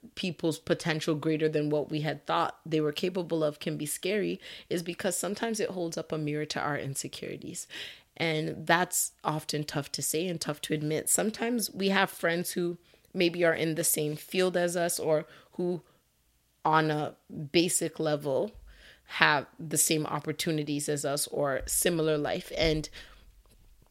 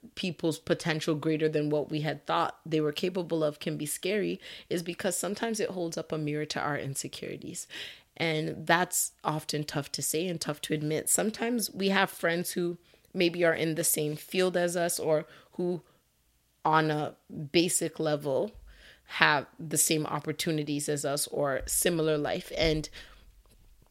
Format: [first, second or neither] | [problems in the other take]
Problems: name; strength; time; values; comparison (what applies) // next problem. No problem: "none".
neither | none